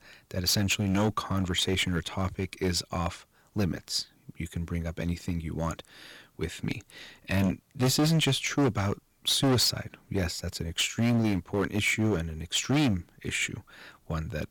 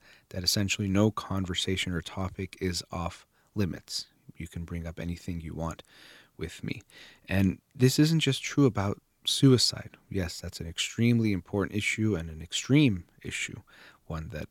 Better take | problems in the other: second | distortion; heavy; 8% of the sound clipped

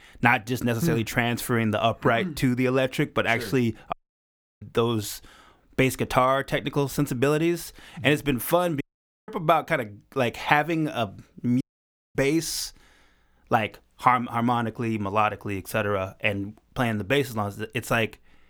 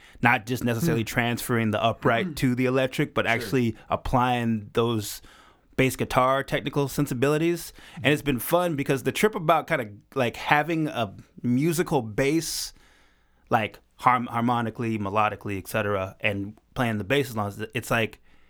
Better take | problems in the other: second | audio cutting out; at 4 s for 0.5 s, at 9 s and at 12 s for 0.5 s

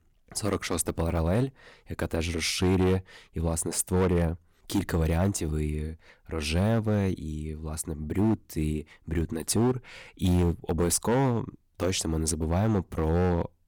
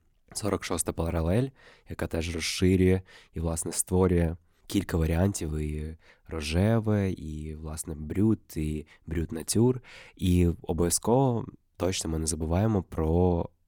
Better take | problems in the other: second | distortion; slight; 7% of the sound clipped

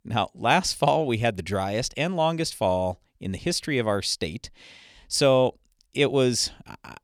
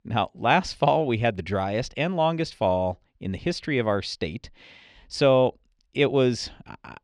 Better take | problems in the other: first | muffled; slightly; fading above 3.5 kHz

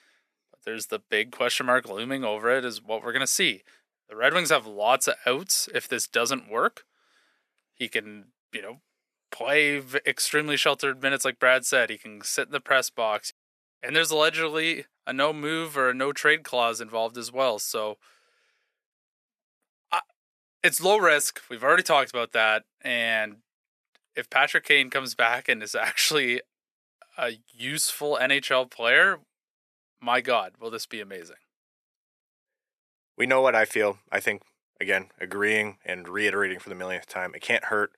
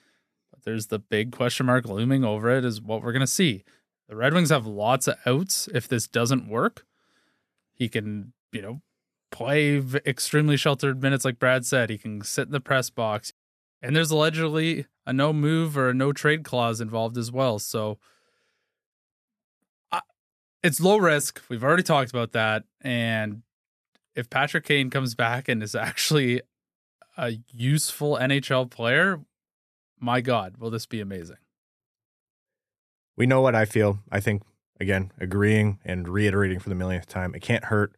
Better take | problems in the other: second | thin; very; fading below 500 Hz

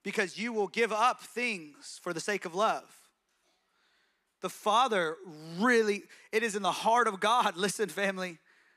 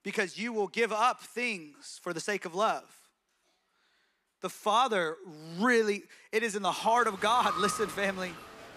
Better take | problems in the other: first | crowd noise; very faint; from 7 s on; 8 dB below the speech

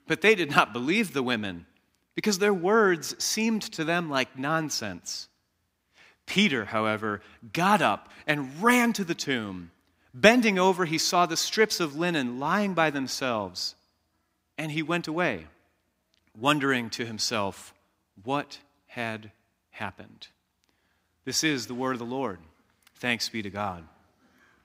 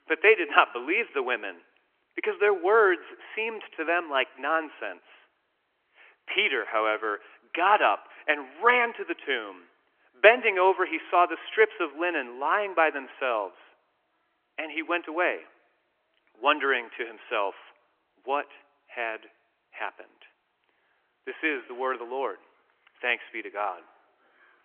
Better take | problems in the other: first | phone-call audio; nothing above 3 kHz

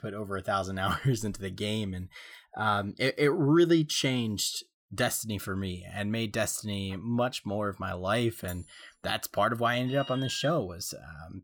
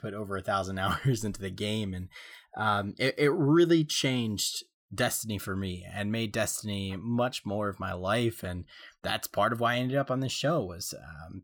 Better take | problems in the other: second | clattering dishes; faint; at 8.5 s; peak 15 dB below the speech // alarm; noticeable; at 10 s; peak 9 dB below the speech

